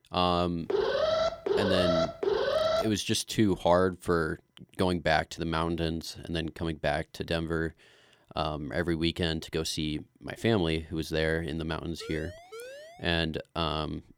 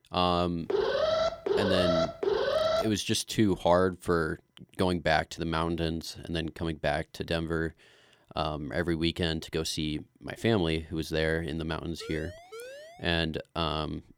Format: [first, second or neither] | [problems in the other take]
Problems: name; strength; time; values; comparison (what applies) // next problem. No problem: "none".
neither | alarm; loud; from 0.5 to 3 s; peak 3 dB above the speech; the same in both // siren; faint; from 12 to 13 s; peak 15 dB below the speech; the same in both